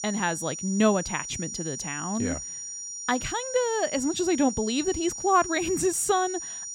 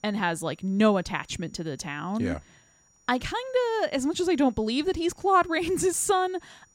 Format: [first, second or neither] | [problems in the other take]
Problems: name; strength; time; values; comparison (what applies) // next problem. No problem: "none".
second | high-pitched whine; loud; throughout; 5.5 kHz, 7 dB below the speech; faint in the second